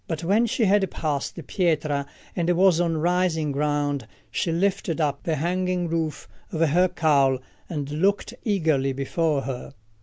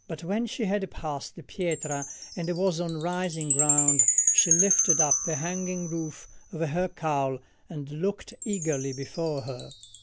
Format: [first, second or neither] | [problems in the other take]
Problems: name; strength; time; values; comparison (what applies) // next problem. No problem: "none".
first | background sound (Chime); 1 dB above the speech